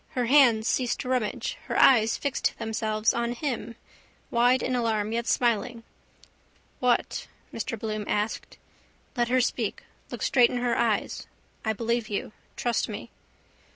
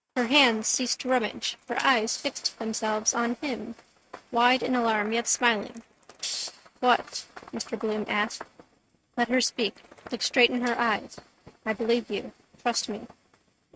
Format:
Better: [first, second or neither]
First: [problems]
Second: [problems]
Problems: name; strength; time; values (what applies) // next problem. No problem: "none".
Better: first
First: none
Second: noise reduction (neural mask model RNNoise)